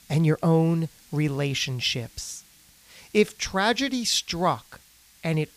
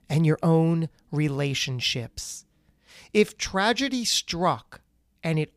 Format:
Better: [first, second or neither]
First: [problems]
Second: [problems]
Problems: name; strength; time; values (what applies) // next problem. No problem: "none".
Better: second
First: hiss; faint; throughout; 25 dB below the speech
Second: none